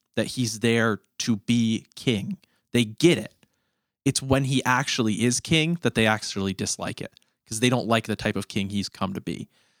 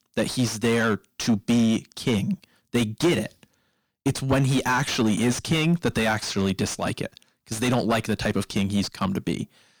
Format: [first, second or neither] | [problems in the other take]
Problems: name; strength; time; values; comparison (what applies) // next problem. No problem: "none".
first | distortion; heavy; 6 dB below the speech